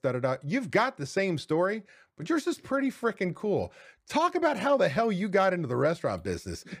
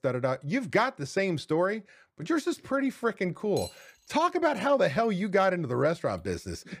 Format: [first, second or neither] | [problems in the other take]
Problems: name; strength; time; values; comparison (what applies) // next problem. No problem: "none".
first | clattering dishes; faint; at 3.5 s; peak 15 dB below the speech